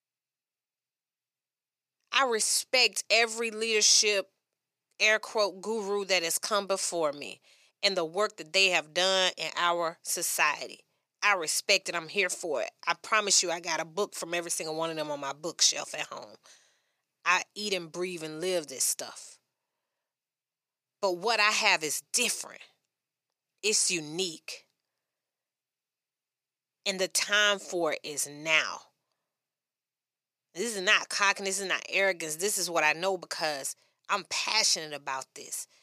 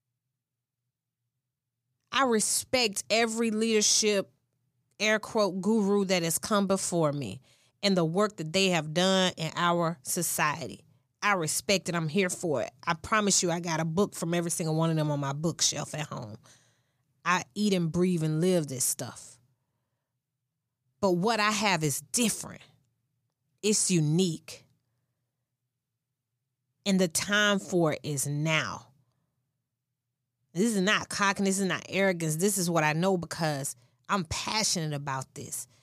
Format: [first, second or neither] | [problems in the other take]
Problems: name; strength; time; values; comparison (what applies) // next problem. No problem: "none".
second | thin; very; fading below 500 Hz